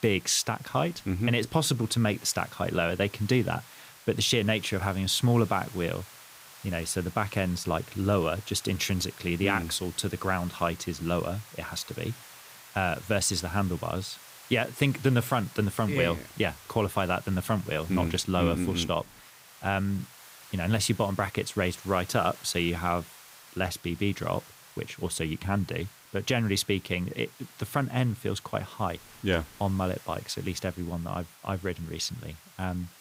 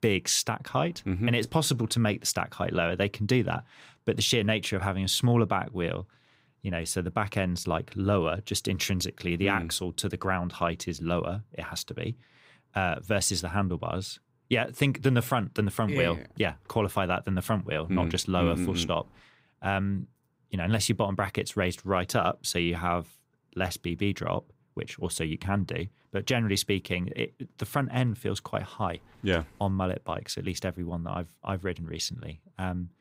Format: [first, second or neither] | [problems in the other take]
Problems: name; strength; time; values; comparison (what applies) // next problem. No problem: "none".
second | hiss; noticeable; throughout; 20 dB below the speech